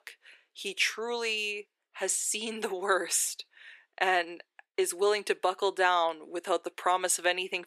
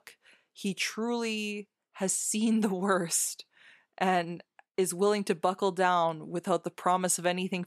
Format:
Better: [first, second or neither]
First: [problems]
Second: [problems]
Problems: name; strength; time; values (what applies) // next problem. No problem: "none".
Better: second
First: thin; very; fading below 350 Hz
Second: none